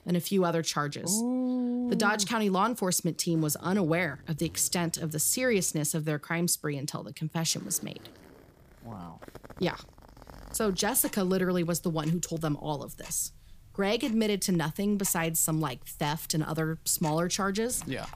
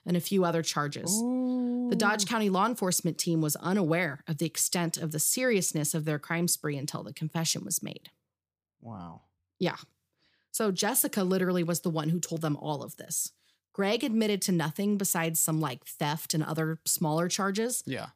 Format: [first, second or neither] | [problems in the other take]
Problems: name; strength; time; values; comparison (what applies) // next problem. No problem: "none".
second | household noises; faint; throughout; 25 dB below the speech